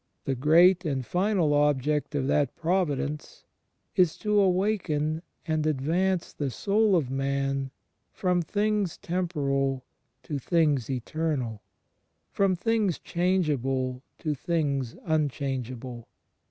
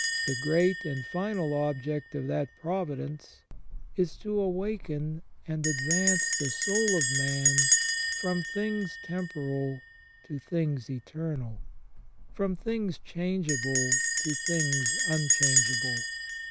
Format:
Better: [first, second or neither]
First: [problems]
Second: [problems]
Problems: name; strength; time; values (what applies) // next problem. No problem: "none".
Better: first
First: none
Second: background sound (Bell); as loud as the speech